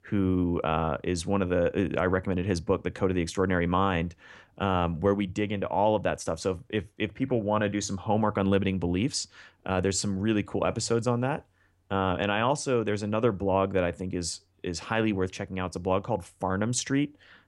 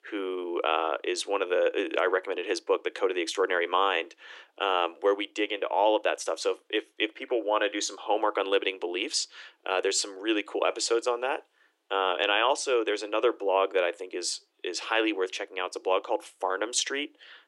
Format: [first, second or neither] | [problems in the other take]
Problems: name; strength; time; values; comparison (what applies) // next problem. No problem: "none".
first | thin; very; fading below 300 Hz